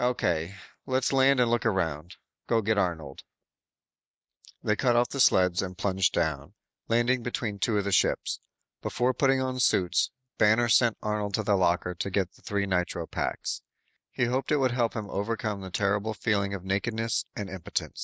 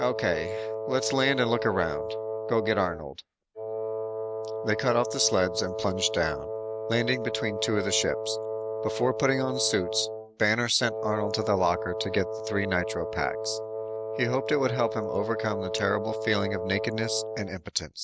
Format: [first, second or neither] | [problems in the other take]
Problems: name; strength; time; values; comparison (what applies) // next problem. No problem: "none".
first | background sound (Wind instrument, woodwind instrument); 4 dB below the speech